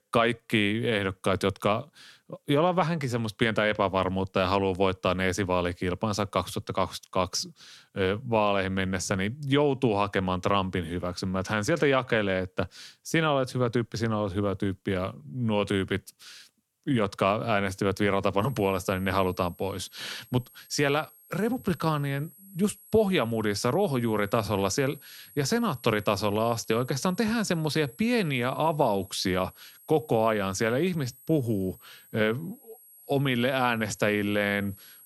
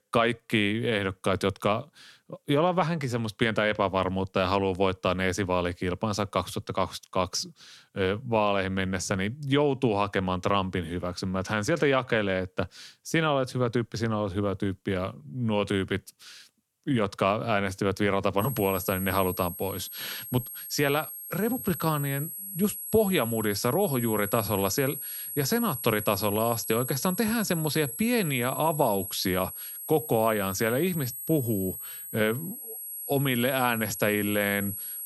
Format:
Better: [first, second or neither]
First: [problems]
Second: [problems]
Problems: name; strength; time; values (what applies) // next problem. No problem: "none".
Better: first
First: high-pitched whine; faint; from 18 s on; 11.5 kHz, 25 dB below the speech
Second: high-pitched whine; loud; from 18 s on; 11.5 kHz, 7 dB below the speech